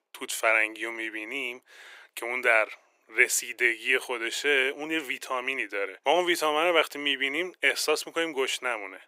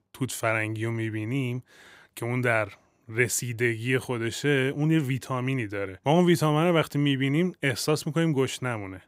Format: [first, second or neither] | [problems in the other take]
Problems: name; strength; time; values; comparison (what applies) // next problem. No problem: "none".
second | thin; very; fading below 400 Hz